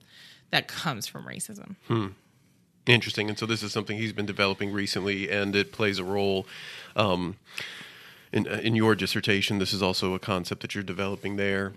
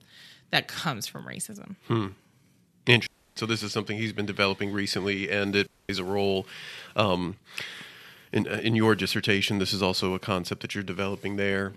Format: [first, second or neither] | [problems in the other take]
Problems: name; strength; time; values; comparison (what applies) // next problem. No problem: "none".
first | audio cutting out; at 3 s and at 5.5 s